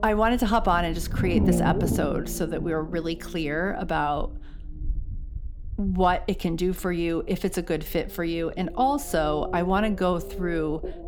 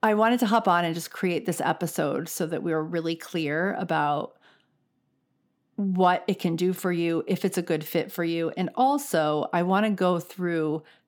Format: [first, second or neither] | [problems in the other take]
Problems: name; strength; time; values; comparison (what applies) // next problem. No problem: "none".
second | low rumble; noticeable; throughout; 10 dB below the speech